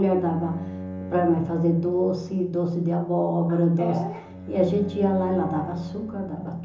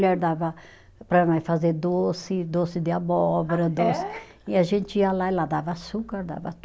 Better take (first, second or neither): second